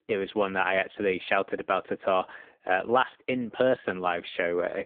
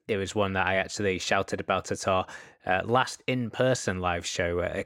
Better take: second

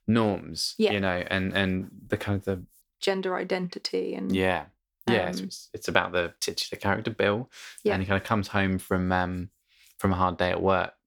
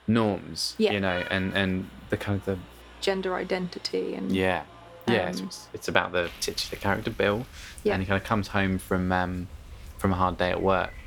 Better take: first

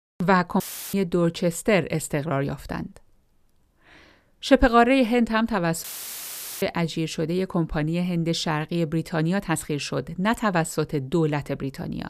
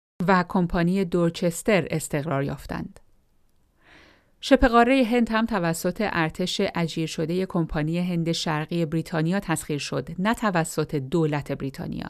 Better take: second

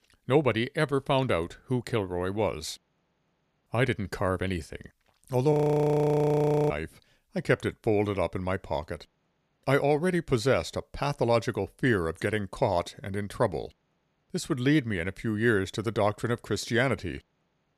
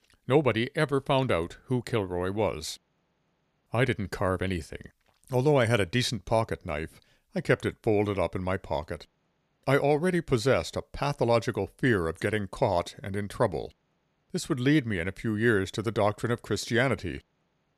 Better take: second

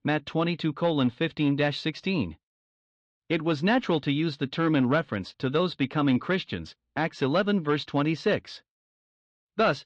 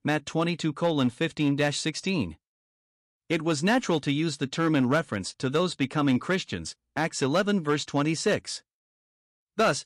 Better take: second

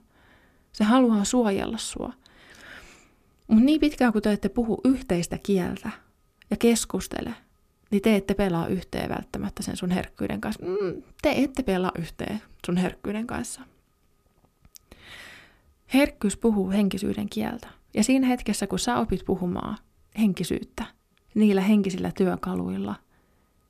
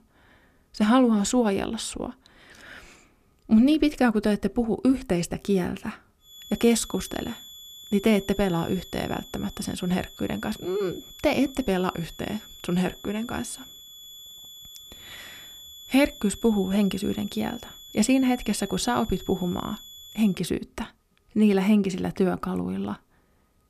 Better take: first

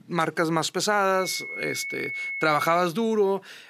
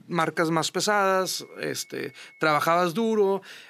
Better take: second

